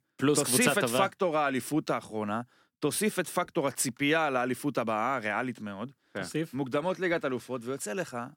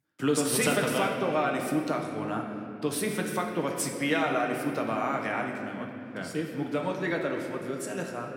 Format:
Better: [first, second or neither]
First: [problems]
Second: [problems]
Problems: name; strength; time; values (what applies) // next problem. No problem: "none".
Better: first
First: none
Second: room echo; noticeable; dies away in 2.3 s